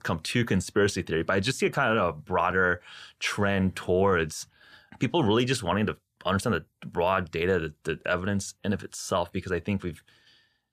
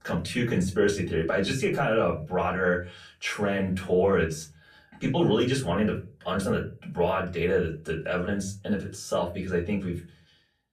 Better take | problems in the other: first | off-mic speech; far // room echo; very slight; dies away in 0.3 s

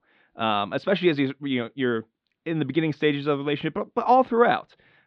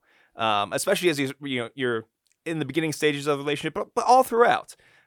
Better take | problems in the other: second | muffled; slightly; fading above 4 kHz

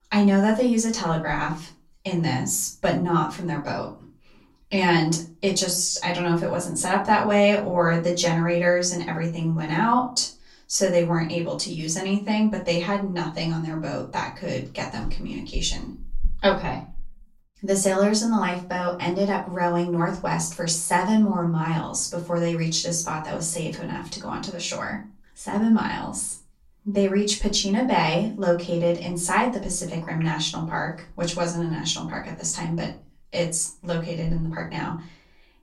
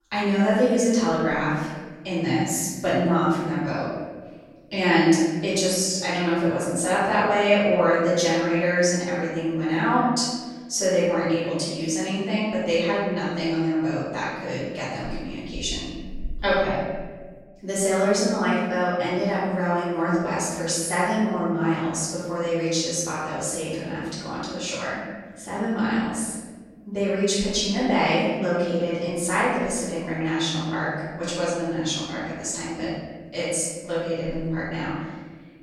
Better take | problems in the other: first | room echo; strong; dies away in 1.4 s; slight in the first // off-mic speech; far; far in the first

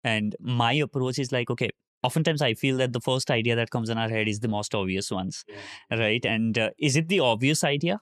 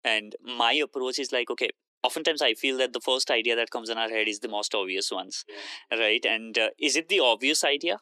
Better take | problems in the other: first | thin; somewhat; fading below 300 Hz

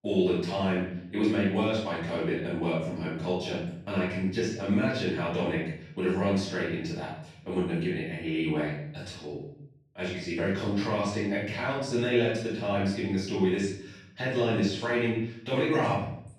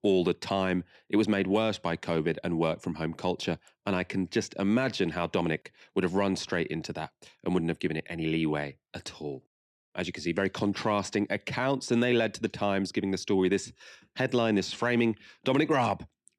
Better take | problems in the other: second | off-mic speech; far // room echo; noticeable; dies away in 0.7 s

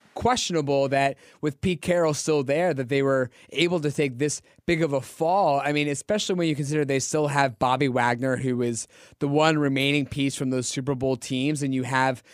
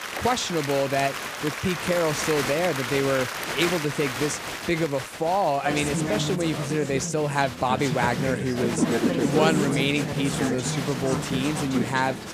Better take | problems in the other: first | crowd noise; loud; throughout; 3 dB below the speech

